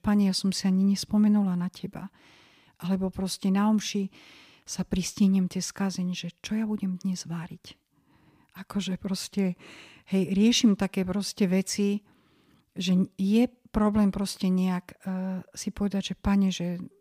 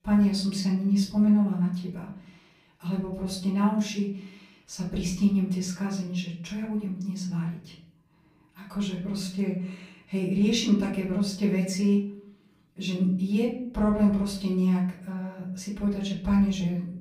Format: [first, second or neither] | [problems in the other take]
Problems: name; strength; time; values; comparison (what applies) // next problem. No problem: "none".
first | off-mic speech; far // room echo; slight; dies away in 0.5 s